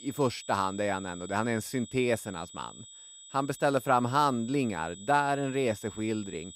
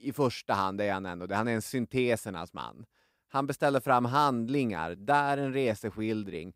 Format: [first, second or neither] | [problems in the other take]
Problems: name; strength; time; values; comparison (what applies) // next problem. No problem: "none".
second | high-pitched whine; noticeable; throughout; 8 kHz, 15 dB below the speech